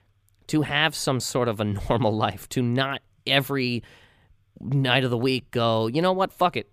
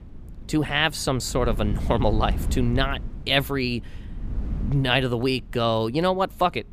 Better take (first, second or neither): first